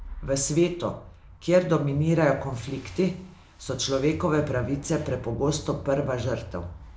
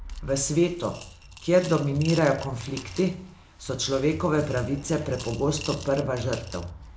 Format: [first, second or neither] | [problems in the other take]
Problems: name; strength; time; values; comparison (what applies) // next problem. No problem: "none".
first | background sound (Coin (dropping) / Glass); 18 dB below the speech